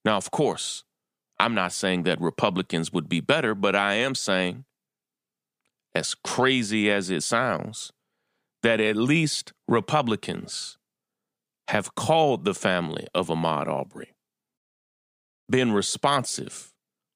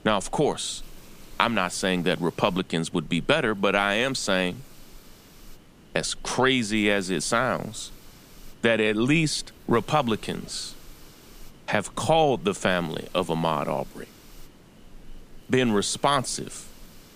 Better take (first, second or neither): first